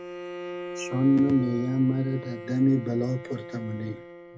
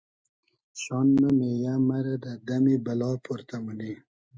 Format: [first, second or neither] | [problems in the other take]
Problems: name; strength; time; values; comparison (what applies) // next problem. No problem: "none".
second | background sound (Bowed string instrument); 12 dB below the speech // room echo; dies away in 0.2 s